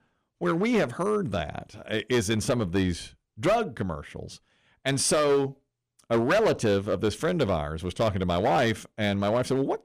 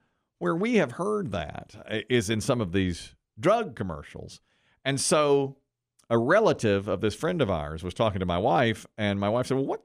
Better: second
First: distortion; slight; 6% of the sound clipped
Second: none

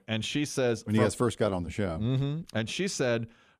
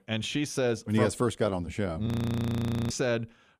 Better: first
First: none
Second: audio freezing; at 2 s for 1 s

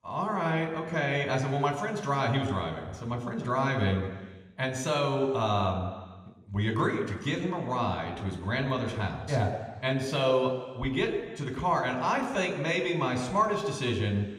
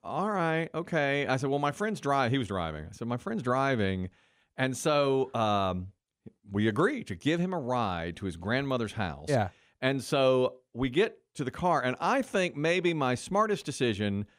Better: second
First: room echo; slight; dies away in 1.4 s // off-mic speech; somewhat distant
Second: none

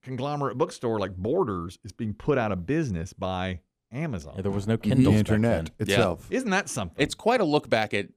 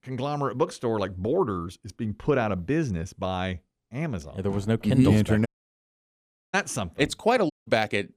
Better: first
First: none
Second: audio cutting out; at 5.5 s for 1 s and at 7.5 s

